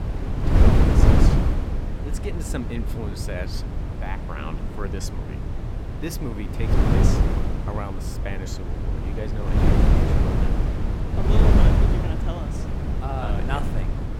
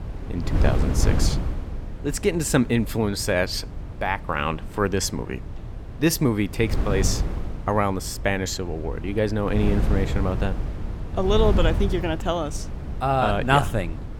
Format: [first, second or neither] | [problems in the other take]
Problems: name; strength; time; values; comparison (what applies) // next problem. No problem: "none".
second | wind noise on the microphone; heavy; 4 dB above the speech; occasional gusts in the second